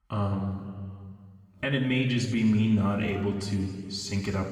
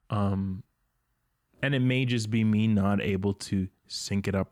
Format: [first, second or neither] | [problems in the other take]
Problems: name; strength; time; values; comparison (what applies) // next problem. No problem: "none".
second | room echo; noticeable; dies away in 1.9 s // off-mic speech; somewhat distant